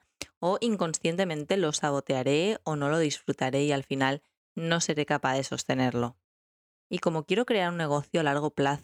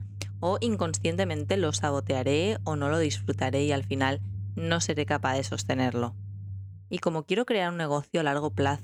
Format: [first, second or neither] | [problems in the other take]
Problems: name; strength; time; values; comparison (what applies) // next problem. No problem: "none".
first | low rumble; faint; throughout; 20 dB below the speech